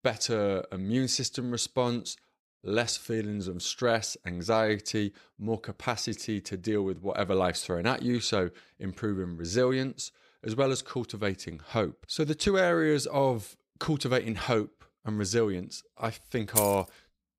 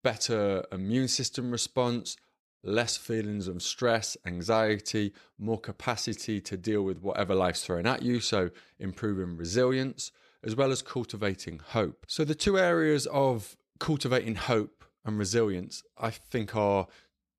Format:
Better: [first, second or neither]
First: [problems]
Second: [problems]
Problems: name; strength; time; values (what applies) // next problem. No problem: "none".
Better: second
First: jangling keys; loud; at 17 s; peak 2 dB above the speech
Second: none